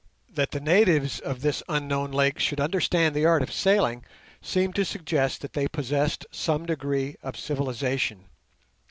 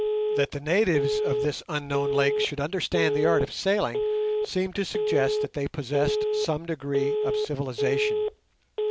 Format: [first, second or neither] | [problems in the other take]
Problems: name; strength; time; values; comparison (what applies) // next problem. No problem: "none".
first | background sound (Telephone); as loud as the speech